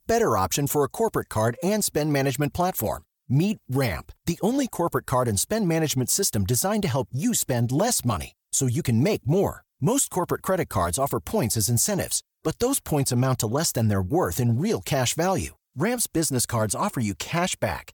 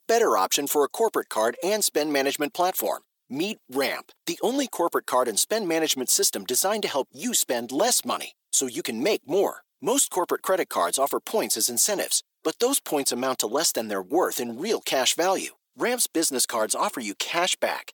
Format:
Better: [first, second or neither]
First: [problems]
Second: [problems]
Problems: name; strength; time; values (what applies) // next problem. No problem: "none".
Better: first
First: none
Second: thin; somewhat; fading below 300 Hz